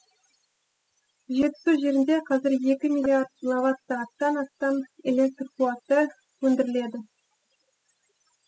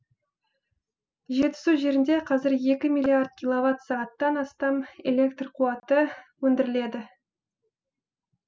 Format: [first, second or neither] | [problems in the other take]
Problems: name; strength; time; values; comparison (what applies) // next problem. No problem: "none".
second | noise reduction (classical method spectral subtraction)